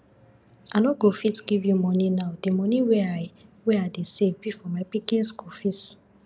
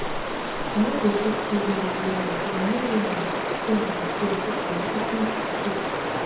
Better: first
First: none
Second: background sound (Stream); 1 dB above the speech // room echo; dies away in 0.7 s

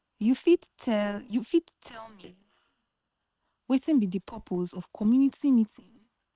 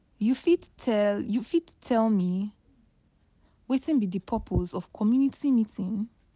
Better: second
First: noise reduction (neural separator model SepFormer WHAM!)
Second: none

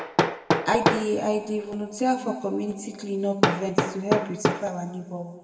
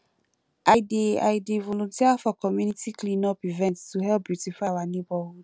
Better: second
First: background sound (Hammer); as loud as the speech // room echo; dies away in 1.6 s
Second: none

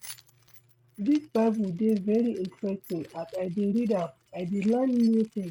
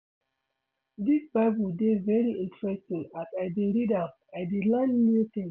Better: second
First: noise reduction (neural mask model RNNoise)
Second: none

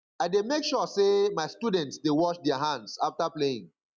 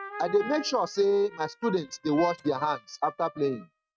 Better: first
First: none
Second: noise reduction (neural mask model RNNoise)

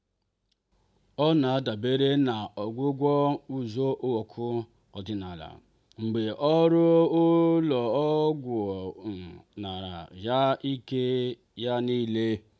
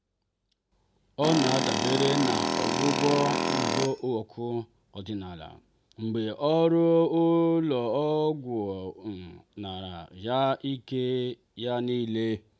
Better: first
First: none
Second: background sound (Tools); as loud as the speech

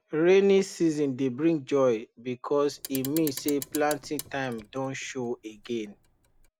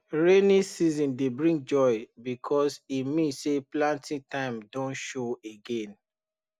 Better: second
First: background sound (Clock); 16 dB below the speech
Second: none

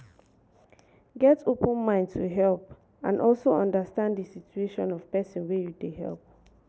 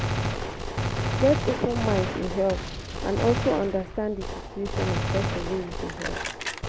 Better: first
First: none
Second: background sound (Gunshot, gunfire); 1 dB below the speech

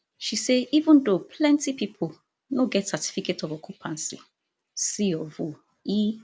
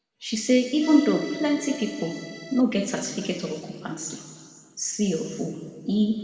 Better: first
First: none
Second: background sound (Accordion); 14 dB below the speech // room echo; dies away in 1.8 s

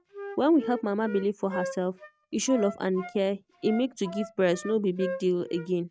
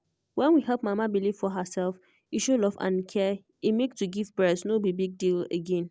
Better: second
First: noise reduction (neural mask model RNNoise)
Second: none

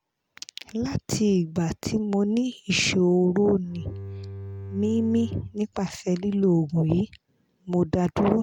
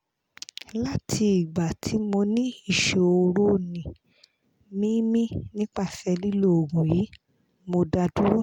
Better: second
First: background sound (Bowed string instrument); 12 dB below the speech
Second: none

